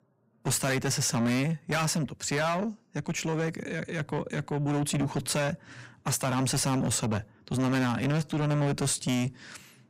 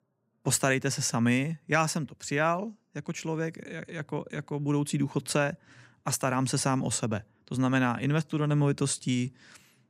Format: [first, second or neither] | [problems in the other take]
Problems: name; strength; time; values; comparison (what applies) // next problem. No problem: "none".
second | distortion; heavy; 6 dB below the speech